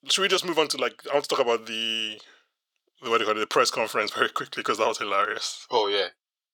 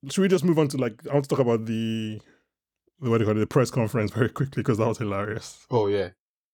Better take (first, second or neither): second